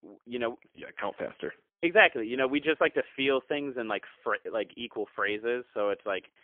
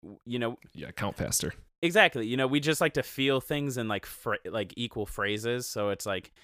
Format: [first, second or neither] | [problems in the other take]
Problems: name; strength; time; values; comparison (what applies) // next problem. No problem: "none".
second | phone-call audio; poor line; nothing above 3.5 kHz